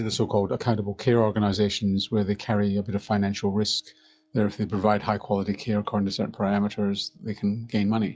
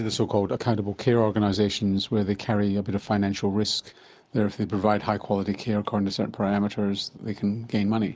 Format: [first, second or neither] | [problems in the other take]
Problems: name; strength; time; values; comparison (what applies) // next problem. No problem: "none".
second | noise reduction (classical method log-MMSE)